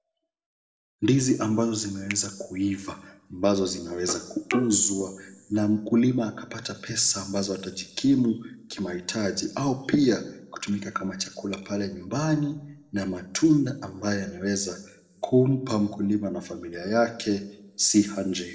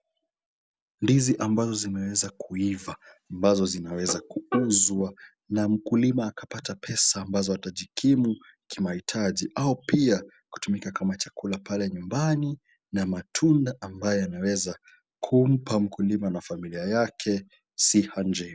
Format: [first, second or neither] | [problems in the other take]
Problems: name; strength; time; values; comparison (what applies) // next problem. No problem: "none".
second | noise reduction (neural separator model SepFormer DNS4)